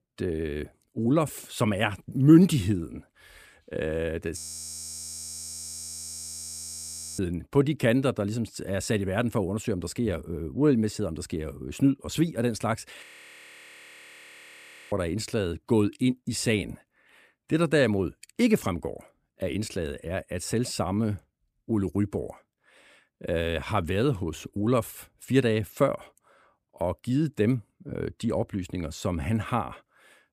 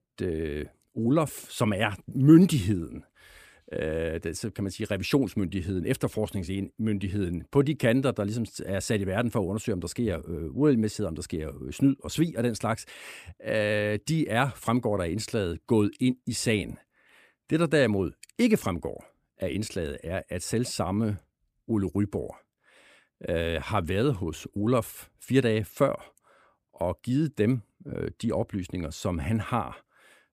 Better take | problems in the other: second | audio freezing; at 4.5 s for 3 s and at 13 s for 2 s

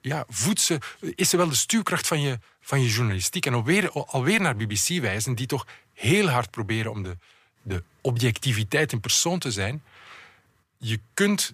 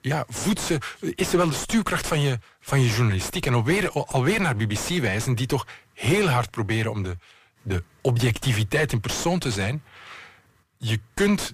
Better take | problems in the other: first | distortion; heavy; 4 dB below the speech

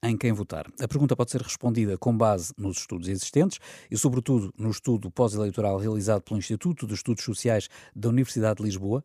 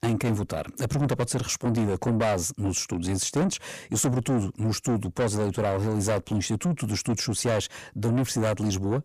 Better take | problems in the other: first | distortion; heavy; 6 dB below the speech

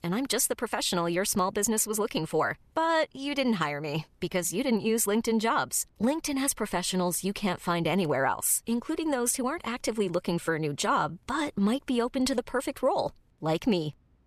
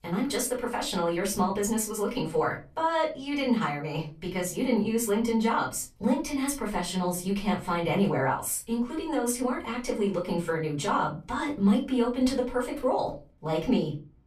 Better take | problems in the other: first | off-mic speech; far // room echo; very slight; dies away in 0.3 s

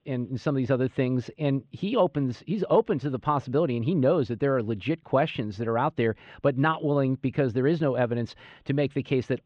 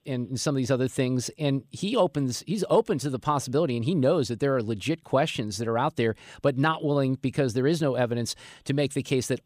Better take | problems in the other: second | muffled; very; fading above 3 kHz

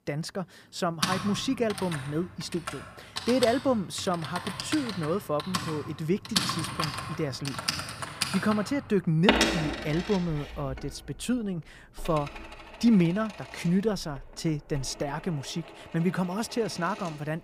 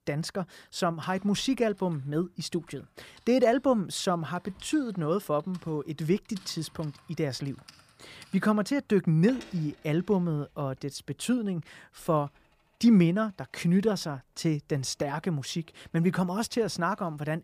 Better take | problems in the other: second | household noises; loud; throughout; 3 dB below the speech; faint in the second

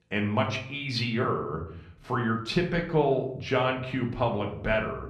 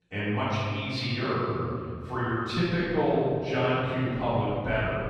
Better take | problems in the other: first | room echo; strong; dies away in 2.3 s; slight in the first // off-mic speech; far; somewhat distant in the first

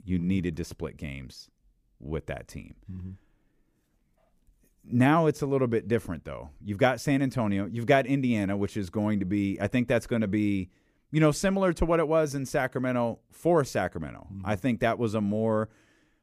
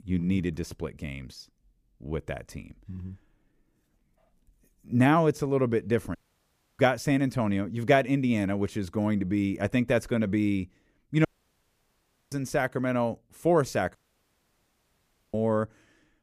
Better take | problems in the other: first | audio cutting out; at 6 s for 0.5 s, at 11 s for 1 s and at 14 s for 1.5 s

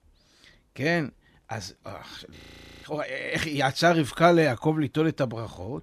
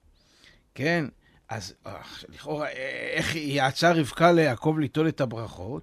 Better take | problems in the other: second | audio freezing; at 2.5 s

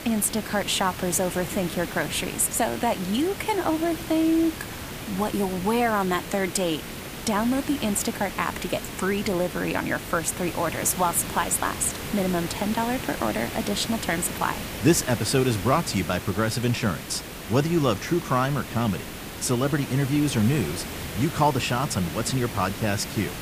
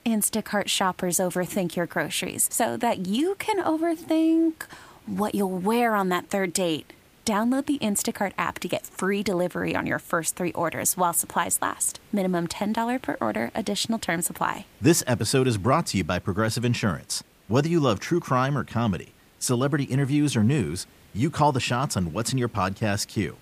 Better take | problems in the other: second | hiss; loud; throughout; 9 dB below the speech; faint in the second

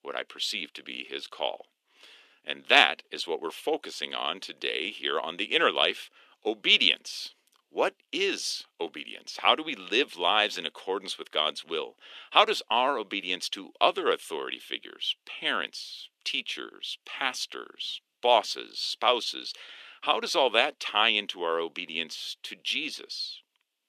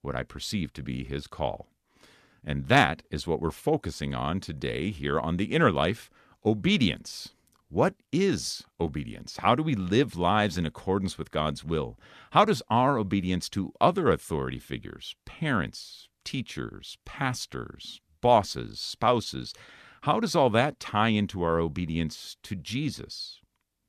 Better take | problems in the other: second | thin; very; fading below 350 Hz

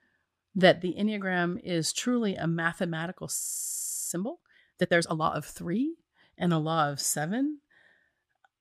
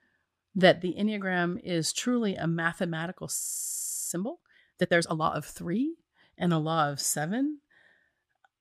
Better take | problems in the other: neither | audio freezing; at 3.5 s for 0.5 s; the same in both

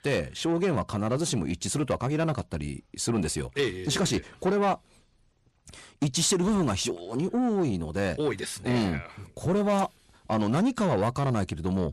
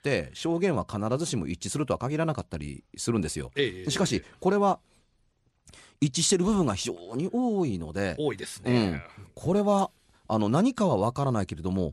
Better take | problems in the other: second | distortion; slight; 10 dB below the speech

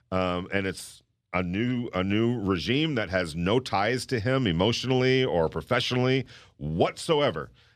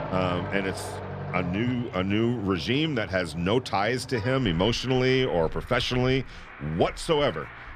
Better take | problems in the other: first | traffic noise; noticeable; throughout; 15 dB below the speech

